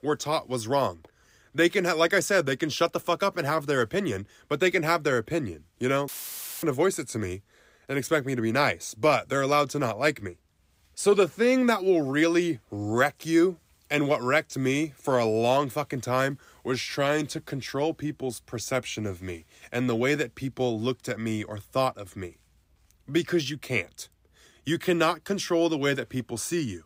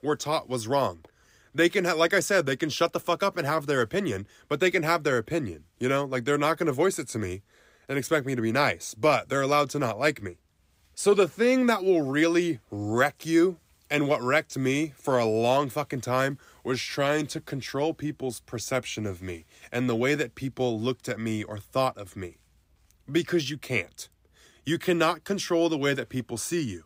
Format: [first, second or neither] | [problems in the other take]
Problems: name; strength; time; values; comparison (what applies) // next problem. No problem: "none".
second | audio cutting out; filled with static; at 6 s for 0.5 s